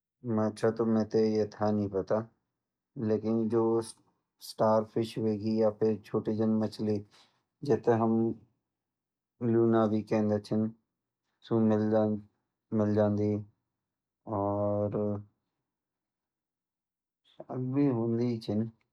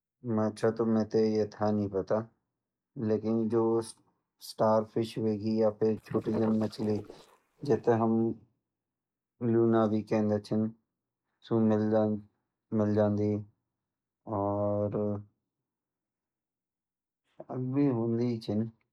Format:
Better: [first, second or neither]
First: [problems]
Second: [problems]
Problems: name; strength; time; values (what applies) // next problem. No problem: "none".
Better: first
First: none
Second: noise reduction (neural mask model Resemble Enhance denoiser)